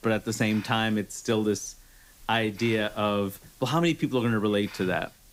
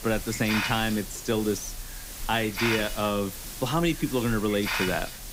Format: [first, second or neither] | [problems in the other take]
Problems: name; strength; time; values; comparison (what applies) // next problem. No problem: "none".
first | hiss; loud; throughout; 5 dB below the speech; faint in the first